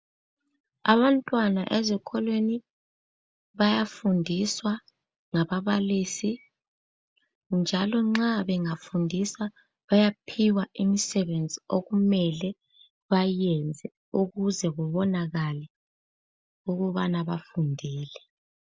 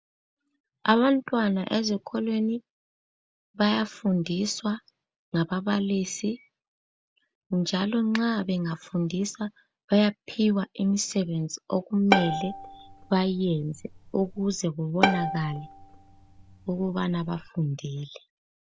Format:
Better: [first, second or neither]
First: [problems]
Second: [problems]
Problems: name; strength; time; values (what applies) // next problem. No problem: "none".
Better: first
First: none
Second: background sound (Bowed string instrument); 5 dB below the speech